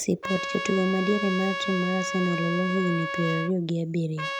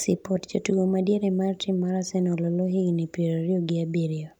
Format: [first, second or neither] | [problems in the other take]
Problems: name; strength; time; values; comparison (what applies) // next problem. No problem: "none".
second | background sound (Trumpet); 6 dB below the speech